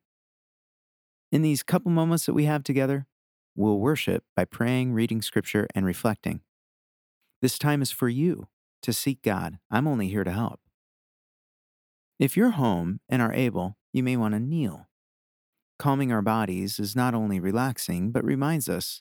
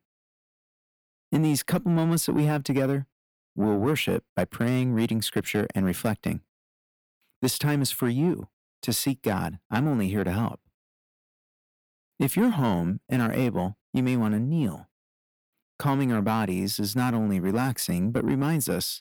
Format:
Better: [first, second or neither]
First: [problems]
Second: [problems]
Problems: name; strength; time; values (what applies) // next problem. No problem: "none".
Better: first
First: none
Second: distortion; slight; 10 dB below the speech